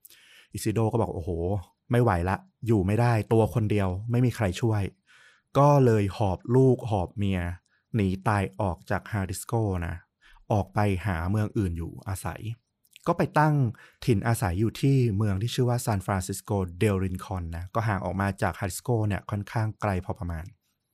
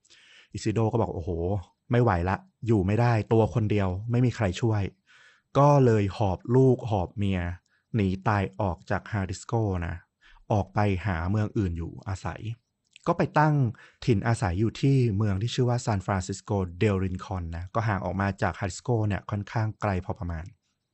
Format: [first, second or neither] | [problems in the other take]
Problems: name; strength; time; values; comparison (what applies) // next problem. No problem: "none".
first | garbled, watery; slightly; nothing above 8 kHz